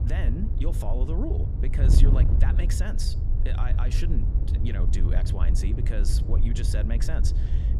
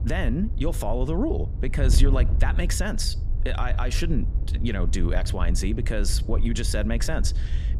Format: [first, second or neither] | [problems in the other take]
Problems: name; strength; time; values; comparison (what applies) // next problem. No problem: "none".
second | wind noise on the microphone; heavy; 3 dB below the speech; occasional gusts in the second